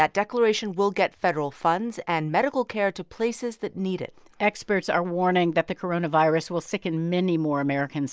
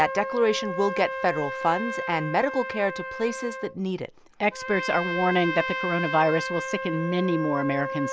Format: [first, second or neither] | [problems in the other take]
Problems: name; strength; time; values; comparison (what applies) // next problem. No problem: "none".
first | background sound (Trumpet); 6 dB below the speech